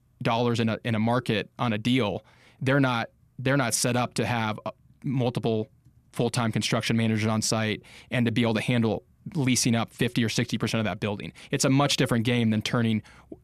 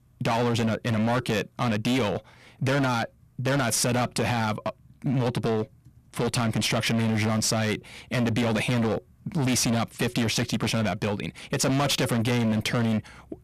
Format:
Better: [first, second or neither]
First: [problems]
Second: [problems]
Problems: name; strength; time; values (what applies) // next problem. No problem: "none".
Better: first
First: none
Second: distortion; heavy; 24% of the sound clipped